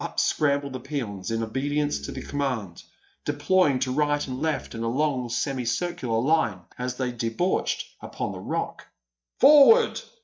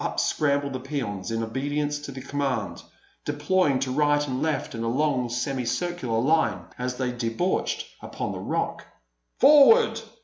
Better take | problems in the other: second | noise reduction (neural mask model DeepFilterNet 3)

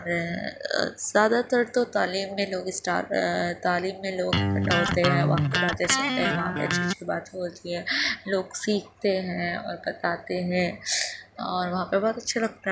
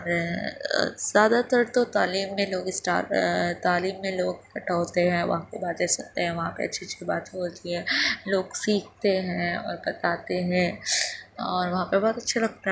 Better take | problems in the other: second | background sound (Electric guitar); 2 dB above the speech

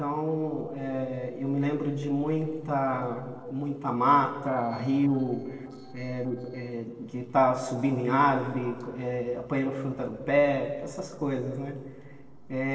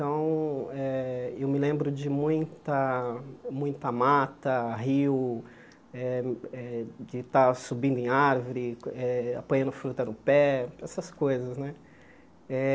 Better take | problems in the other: second | noise reduction (neural separator model SepFormer DNS4)

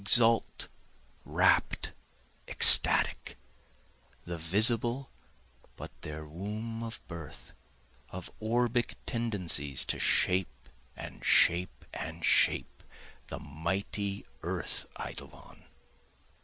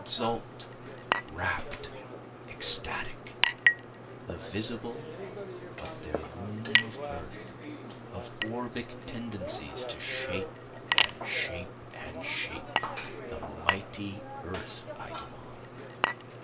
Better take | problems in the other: first | background sound (Chink, clink); 4 dB above the speech // room echo; dies away in 0.2 s

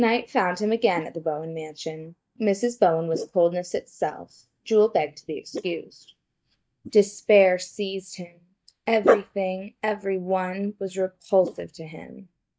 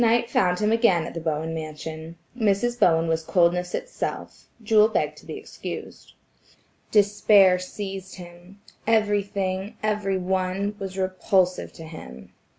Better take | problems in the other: second | noise reduction (neural mask model DeepFilterNet 3)

